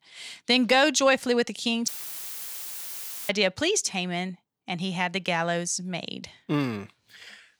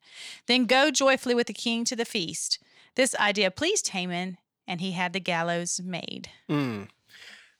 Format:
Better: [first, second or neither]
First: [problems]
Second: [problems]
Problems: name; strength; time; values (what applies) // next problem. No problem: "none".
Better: second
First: audio cutting out; filled with static; at 2 s for 1.5 s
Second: none